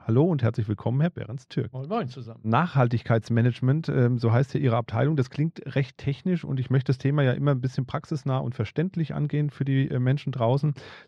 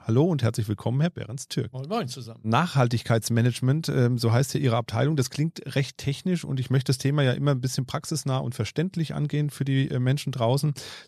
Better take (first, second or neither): second